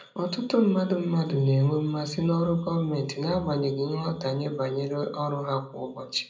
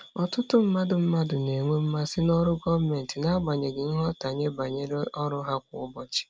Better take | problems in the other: second | room echo; dies away in 0.5 s

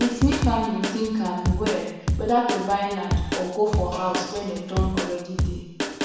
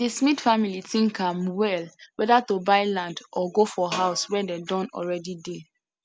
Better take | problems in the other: second | background sound (Drum kit); 2 dB below the speech // room echo; dies away in 1.1 s

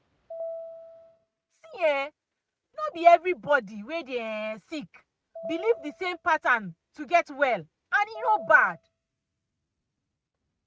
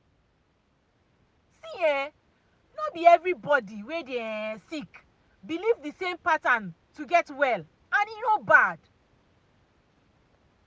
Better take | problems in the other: second | noise reduction (neural mask model RNNoise)

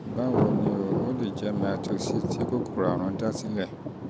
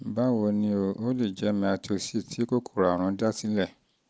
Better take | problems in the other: second | background sound (Thunder); 1 dB above the speech

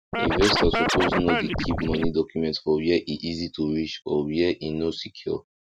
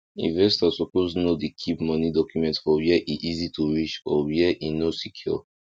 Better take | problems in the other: second | background sound (Scratching (performance technique)); 1 dB above the speech

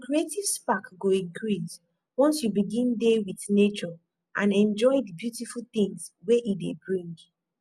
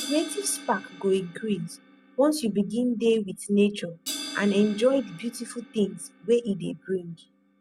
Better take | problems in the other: first | background sound (Crash cymbal); 16 dB below the speech

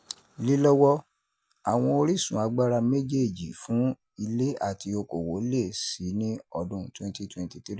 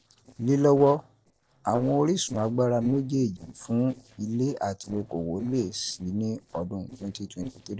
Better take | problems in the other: first | noise reduction (neural separator model SepFormer DNS4)

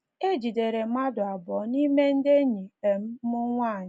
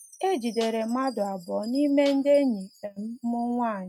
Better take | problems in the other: first | noise reduction (neural mask model RNNoise)

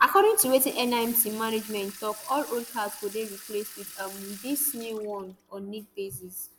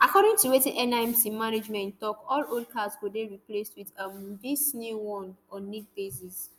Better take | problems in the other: second | background sound (Sink (filling or washing) / Water tap, faucet); 17 dB below the speech

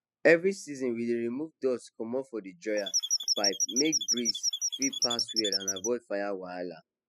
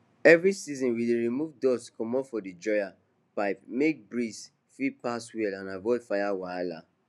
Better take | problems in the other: second | noise reduction (classical method spectral subtraction)

